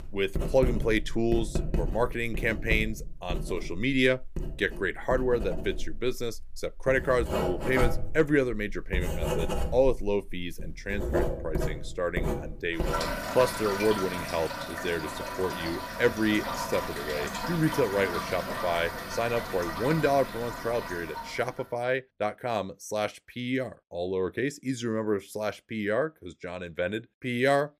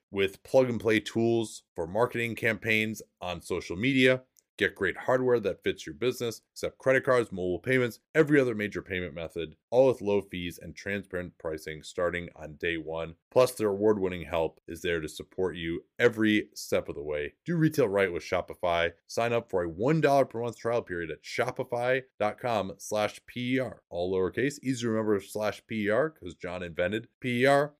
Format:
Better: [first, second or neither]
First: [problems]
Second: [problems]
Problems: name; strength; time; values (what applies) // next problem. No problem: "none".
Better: second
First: household noises; loud; until 21 s; 5 dB below the speech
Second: none